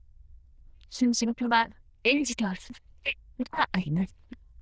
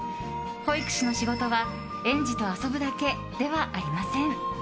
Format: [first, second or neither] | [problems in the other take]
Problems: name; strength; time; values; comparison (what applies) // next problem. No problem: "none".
second | noise reduction (neural diffusion model UNIVERSE++)